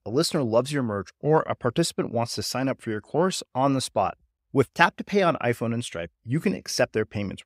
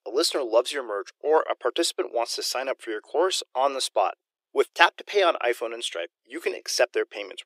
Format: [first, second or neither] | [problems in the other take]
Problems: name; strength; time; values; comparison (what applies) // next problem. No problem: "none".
first | thin; very; fading below 350 Hz